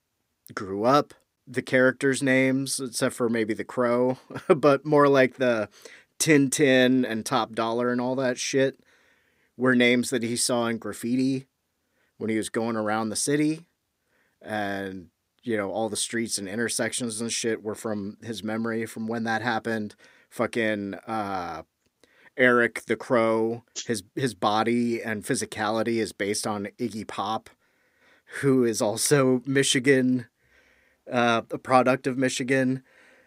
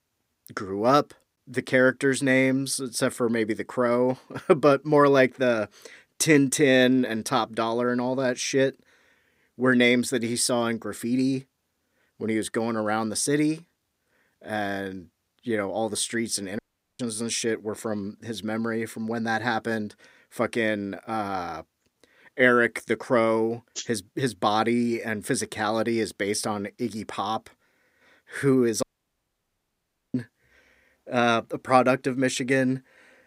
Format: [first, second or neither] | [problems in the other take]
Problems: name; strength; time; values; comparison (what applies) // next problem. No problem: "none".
first | audio cutting out; at 17 s and at 29 s for 1.5 s